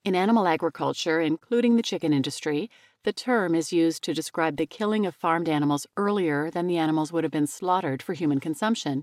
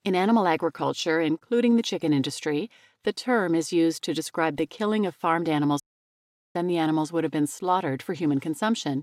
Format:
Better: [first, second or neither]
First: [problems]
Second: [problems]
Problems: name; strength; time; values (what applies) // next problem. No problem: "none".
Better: first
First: none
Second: audio cutting out; at 6 s for 1 s